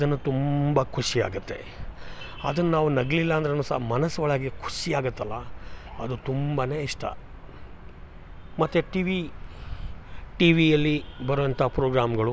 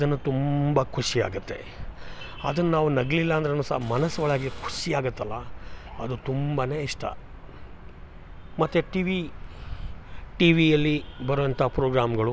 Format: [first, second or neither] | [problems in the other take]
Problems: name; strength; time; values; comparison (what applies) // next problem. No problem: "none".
first | background sound (Printer); 18 dB below the speech